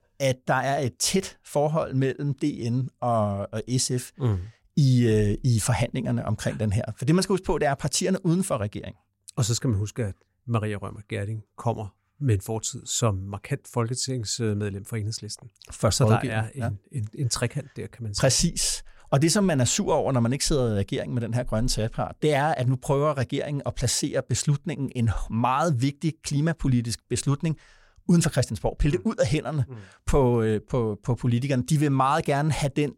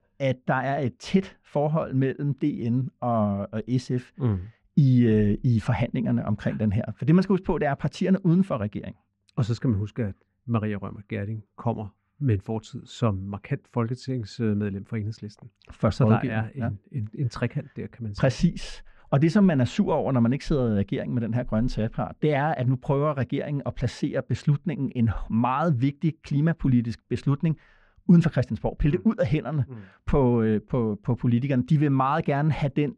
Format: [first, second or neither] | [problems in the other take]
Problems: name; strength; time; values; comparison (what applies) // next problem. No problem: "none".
first | muffled; slightly; fading above 2.5 kHz